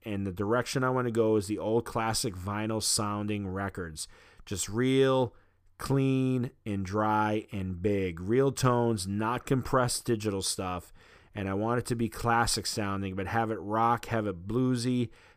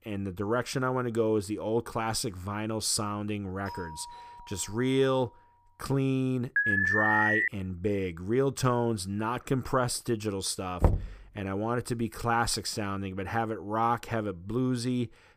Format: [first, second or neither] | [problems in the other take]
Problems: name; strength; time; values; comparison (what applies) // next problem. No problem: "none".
first | doorbell; faint; from 3.5 to 5.5 s; peak 10 dB below the speech // alarm; loud; at 6.5 s; peak 6 dB above the speech // door banging; loud; at 11 s; peak 2 dB above the speech